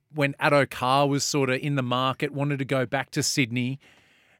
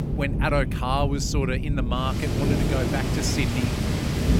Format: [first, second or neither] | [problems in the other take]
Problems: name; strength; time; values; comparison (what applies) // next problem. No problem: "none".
first | rain or running water; very loud; throughout; 2 dB above the speech